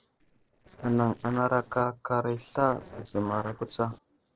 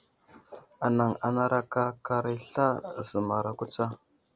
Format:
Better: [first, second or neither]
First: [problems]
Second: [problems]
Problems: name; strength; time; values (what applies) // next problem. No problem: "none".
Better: second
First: noise reduction (neural separator model SepFormer DNS4)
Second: none